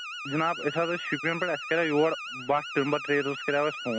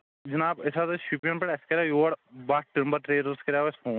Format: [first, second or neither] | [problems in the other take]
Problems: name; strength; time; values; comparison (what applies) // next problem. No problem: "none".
second | background sound (Alarm); 9 dB below the speech